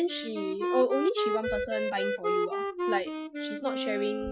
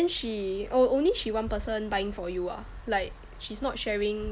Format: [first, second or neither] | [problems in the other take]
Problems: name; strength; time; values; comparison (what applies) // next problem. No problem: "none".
second | noise reduction (classical method Wiener filter)